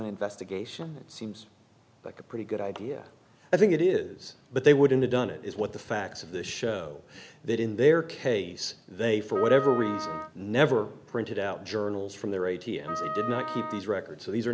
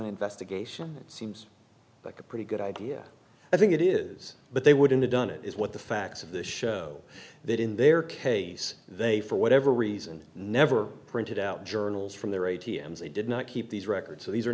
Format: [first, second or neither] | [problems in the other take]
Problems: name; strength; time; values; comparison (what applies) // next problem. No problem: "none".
second | background sound (Wind instrument, woodwind instrument); 8 dB below the speech